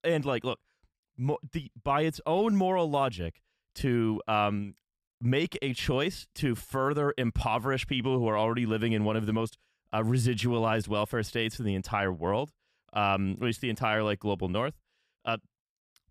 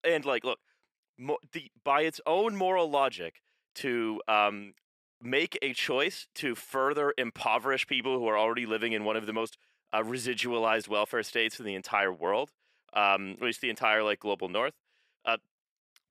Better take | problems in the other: first | thin; somewhat; fading below 400 Hz

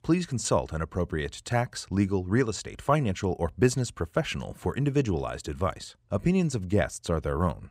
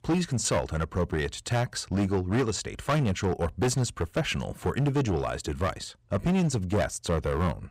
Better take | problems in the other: first | distortion; heavy; 11% of the sound clipped

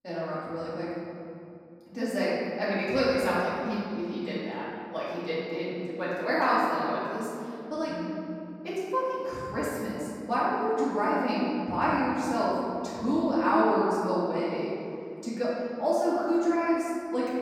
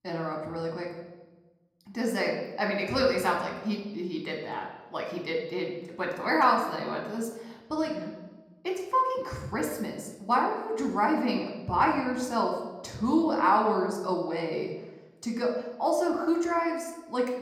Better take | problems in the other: second | room echo; strong; dies away in 2.5 s; slight in the second // off-mic speech; far; somewhat distant in the second

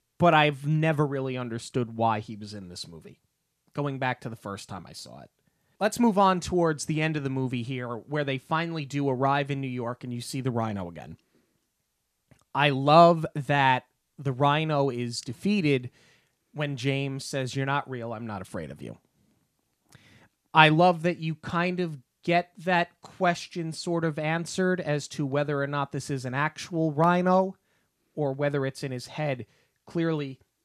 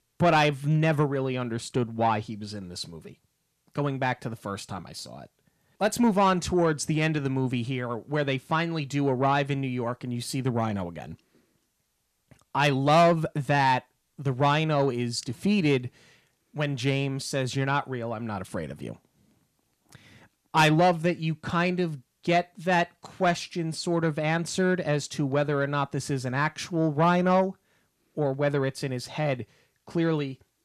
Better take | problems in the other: first | distortion; slight; 10 dB below the speech

